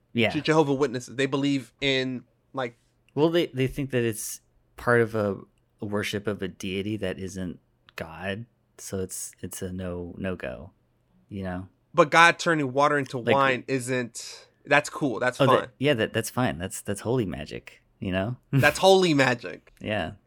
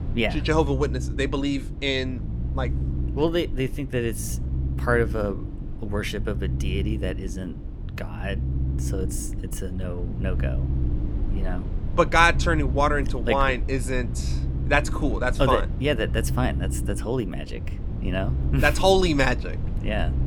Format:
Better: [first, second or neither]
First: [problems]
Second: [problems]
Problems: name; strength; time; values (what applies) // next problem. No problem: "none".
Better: first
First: none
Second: low rumble; noticeable; throughout; 15 dB below the speech